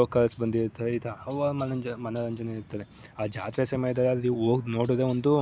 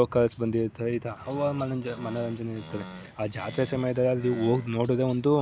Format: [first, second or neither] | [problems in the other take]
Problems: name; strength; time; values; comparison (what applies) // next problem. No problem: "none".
first | background sound (Animal); 17 dB below the speech